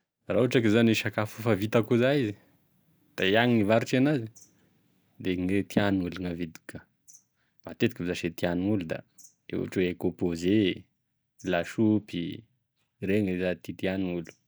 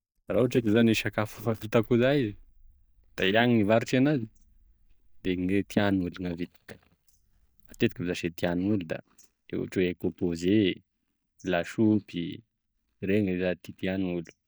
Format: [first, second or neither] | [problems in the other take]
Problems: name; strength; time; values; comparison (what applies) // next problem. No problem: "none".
first | noise reduction (neural mask model DeepFilterNet 3)